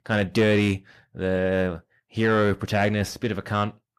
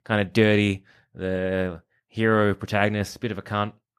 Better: second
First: distortion; slight; 10 dB below the speech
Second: none

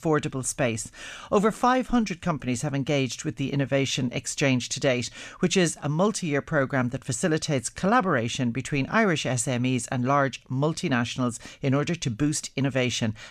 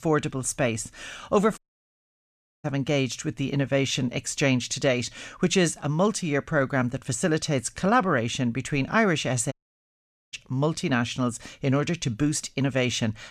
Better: first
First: none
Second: audio cutting out; at 1.5 s for 1 s and at 9.5 s for 1 s

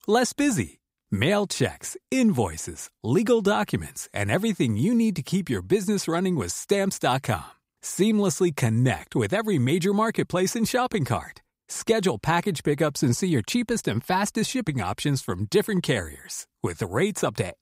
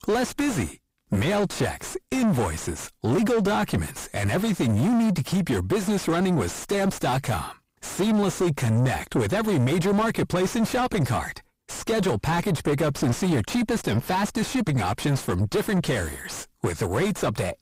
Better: first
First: none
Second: distortion; heavy; 5 dB below the speech

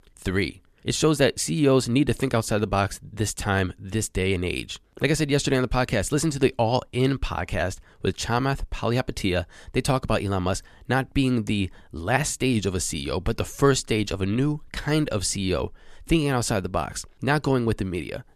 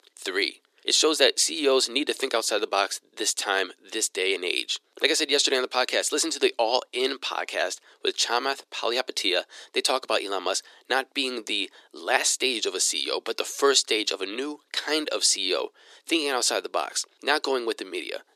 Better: first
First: none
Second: thin; very; fading below 350 Hz

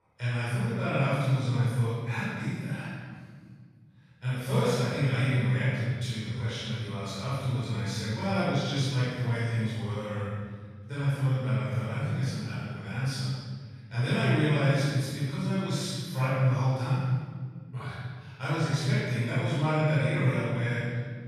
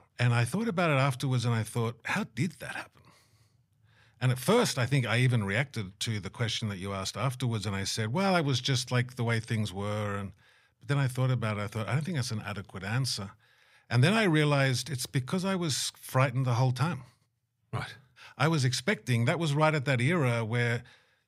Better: second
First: room echo; strong; dies away in 1.9 s // off-mic speech; far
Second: none

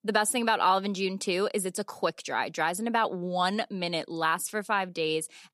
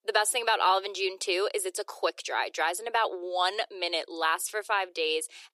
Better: first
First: none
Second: thin; very; fading below 350 Hz

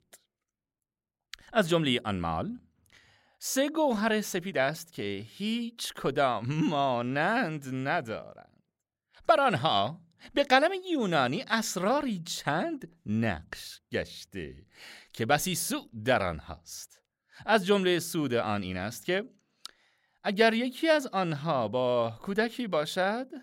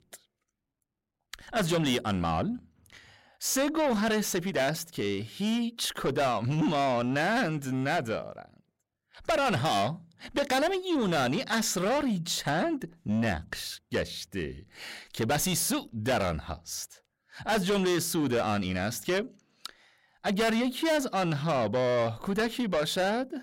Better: first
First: none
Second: distortion; heavy; 6 dB below the speech

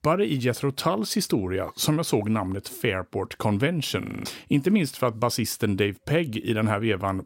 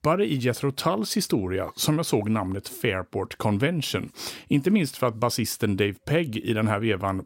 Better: second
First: audio freezing; at 4 s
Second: none

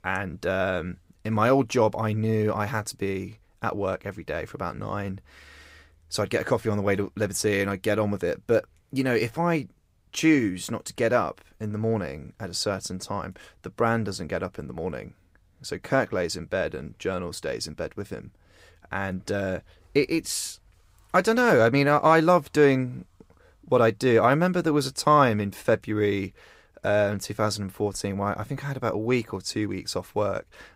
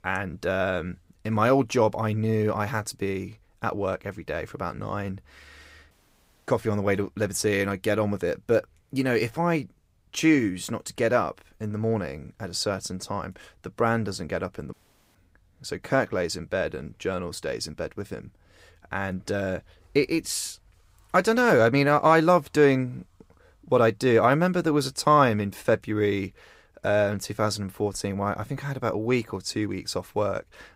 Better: first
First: none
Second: audio cutting out; at 6 s for 0.5 s and at 15 s

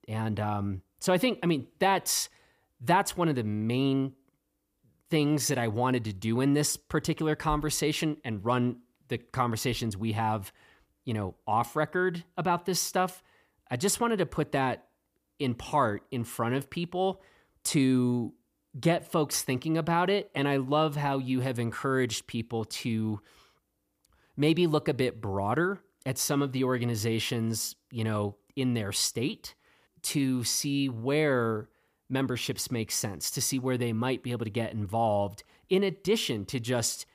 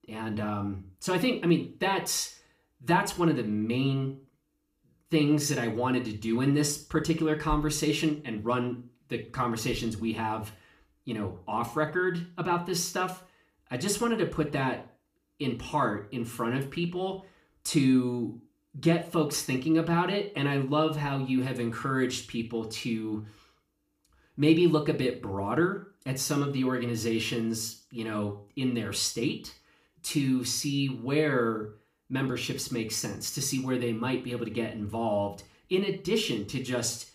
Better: first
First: none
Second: room echo; very slight; dies away in 0.4 s // off-mic speech; somewhat distant

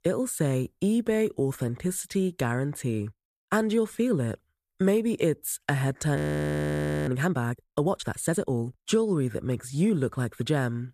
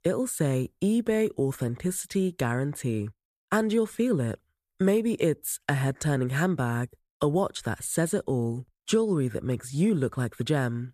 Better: second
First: audio freezing; at 6 s for 1 s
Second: none

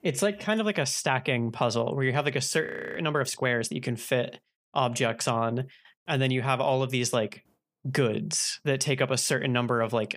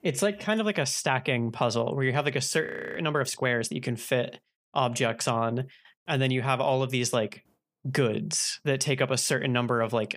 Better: neither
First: audio freezing; at 2.5 s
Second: audio freezing; at 2.5 s

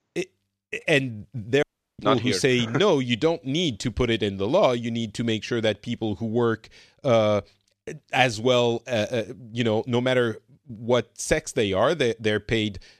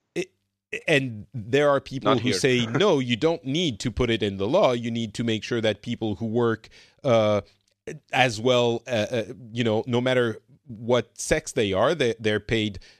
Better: second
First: audio cutting out; at 1.5 s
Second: none

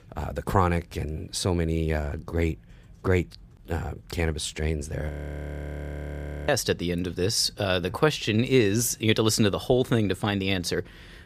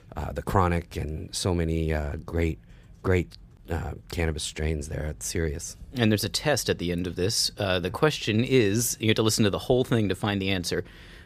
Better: second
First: audio freezing; at 5 s for 1.5 s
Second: none

